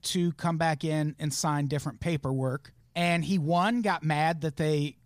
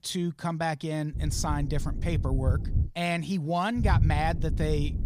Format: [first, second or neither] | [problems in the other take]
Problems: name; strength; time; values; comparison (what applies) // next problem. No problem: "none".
first | low rumble; noticeable; from 1 to 3 s and from 4 s on; 15 dB below the speech